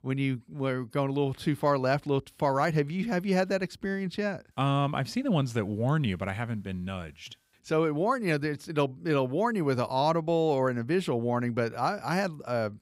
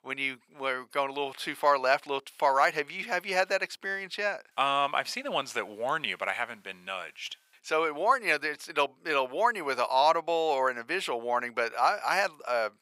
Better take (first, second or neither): first